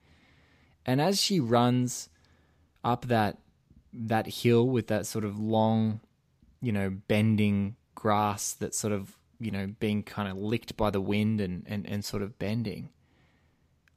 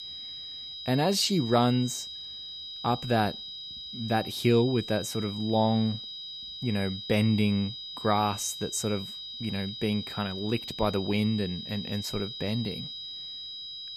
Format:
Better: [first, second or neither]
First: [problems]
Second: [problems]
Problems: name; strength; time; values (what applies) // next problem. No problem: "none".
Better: first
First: none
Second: high-pitched whine; loud; throughout; 4 kHz, 9 dB below the speech